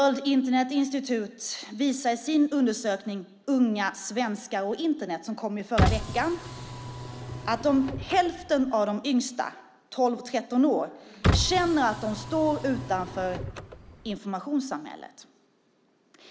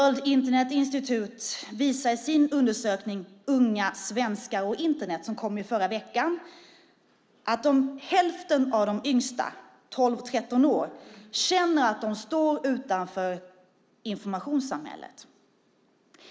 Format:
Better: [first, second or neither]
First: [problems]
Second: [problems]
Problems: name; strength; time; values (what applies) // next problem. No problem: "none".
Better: second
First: background sound (Car); 3 dB below the speech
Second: none